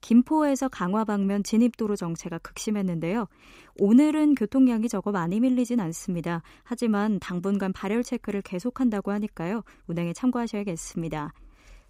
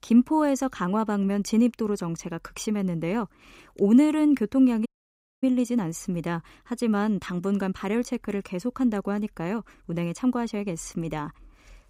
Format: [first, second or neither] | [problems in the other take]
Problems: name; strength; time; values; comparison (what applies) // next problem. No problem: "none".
first | audio cutting out; at 5 s for 0.5 s